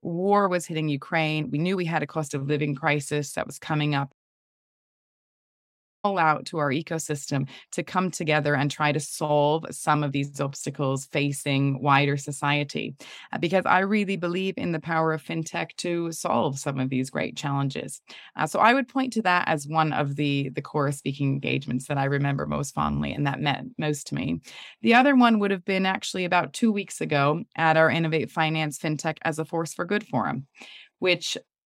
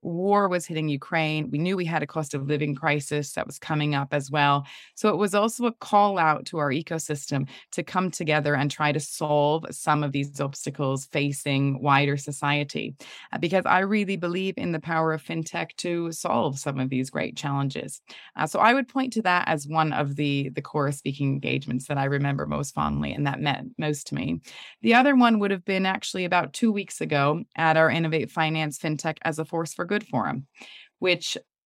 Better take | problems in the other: second | audio cutting out; at 4 s for 2 s

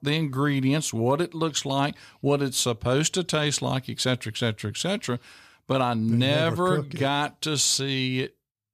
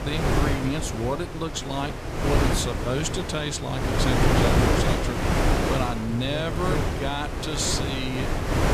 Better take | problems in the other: first | wind noise on the microphone; heavy; 2 dB above the speech

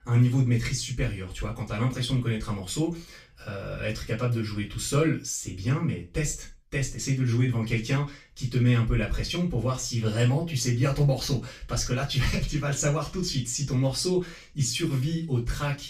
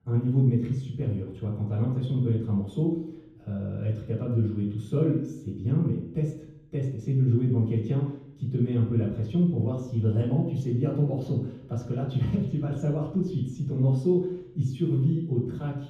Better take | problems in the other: first | room echo; strong; dies away in 0.9 s; slight in the first // off-mic speech; far; far in the first

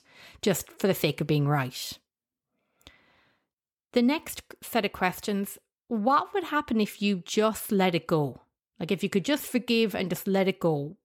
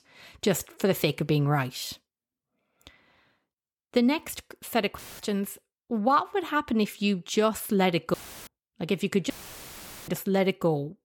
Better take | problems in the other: first | audio cutting out; filled with static; at 5 s, at 8 s and at 9.5 s for 1 s

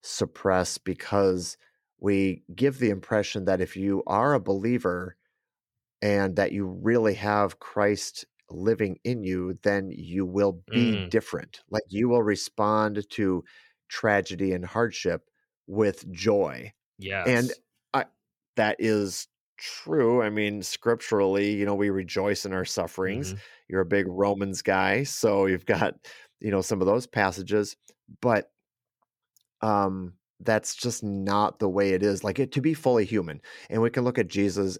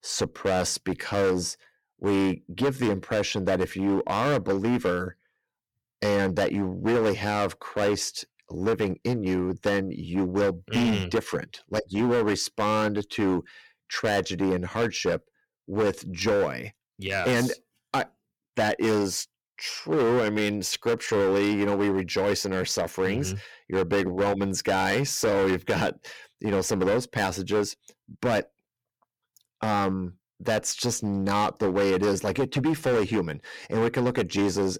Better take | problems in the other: first | distortion; heavy; 12% of the sound clipped

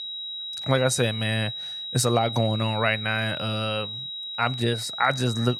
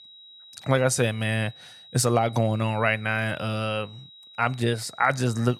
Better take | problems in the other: second | high-pitched whine; loud; throughout; 4 kHz, 6 dB below the speech; faint in the second

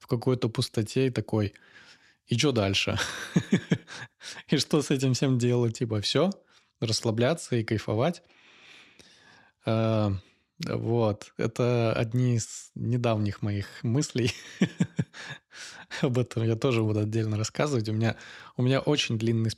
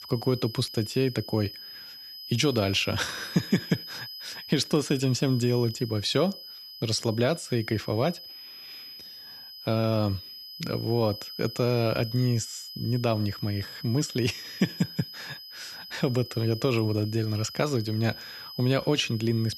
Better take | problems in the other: first | high-pitched whine; noticeable; throughout; 5 kHz, 10 dB below the speech

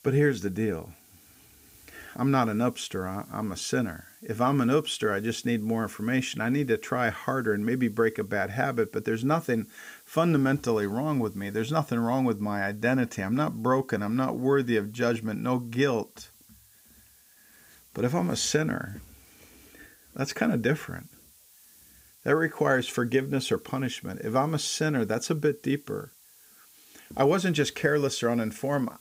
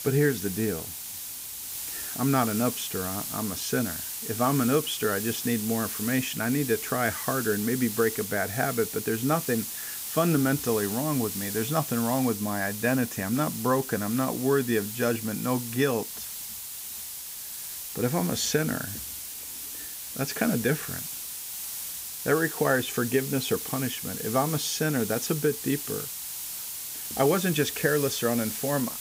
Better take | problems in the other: first | hiss; loud; throughout; 5 dB below the speech; faint in the first

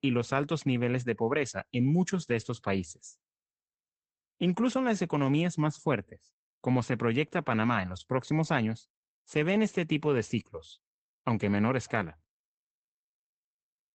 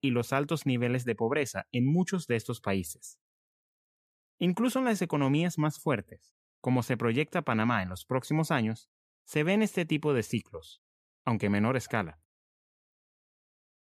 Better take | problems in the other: second | garbled, watery; badly; nothing above 8 kHz

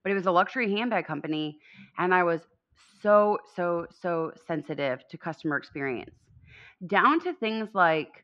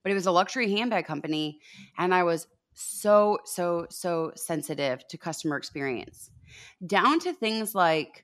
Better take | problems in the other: second | muffled; very; fading above 3 kHz

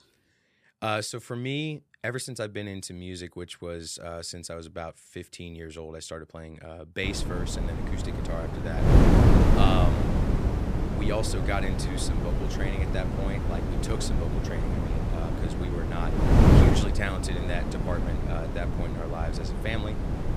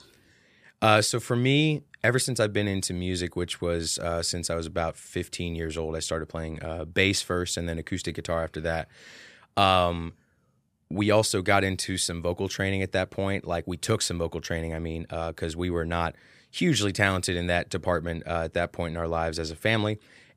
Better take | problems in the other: second | wind noise on the microphone; heavy; from 7 s on; 2 dB above the speech

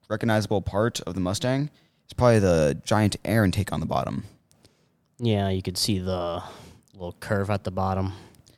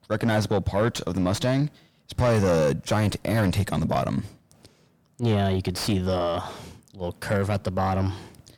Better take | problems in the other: first | distortion; heavy; 7 dB below the speech

